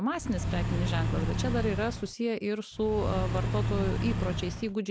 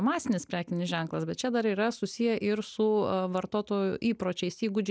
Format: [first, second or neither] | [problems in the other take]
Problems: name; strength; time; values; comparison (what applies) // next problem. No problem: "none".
second | background sound (Accelerating, revving, vroom / Car); 1 dB above the speech